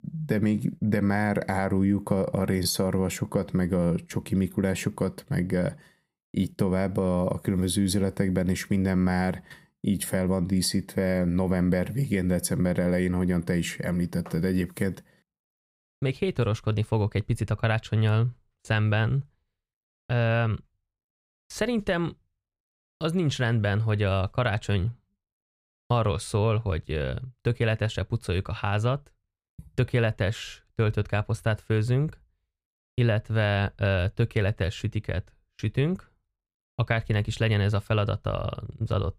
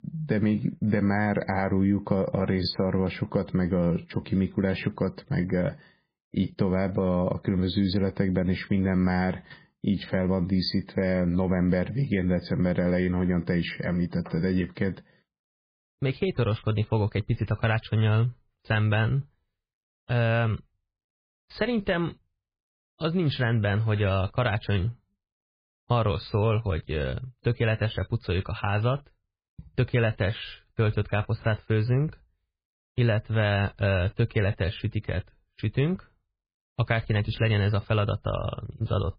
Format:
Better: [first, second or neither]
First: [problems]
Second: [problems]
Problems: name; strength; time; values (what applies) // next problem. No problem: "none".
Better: first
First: none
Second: garbled, watery; badly; nothing above 4.5 kHz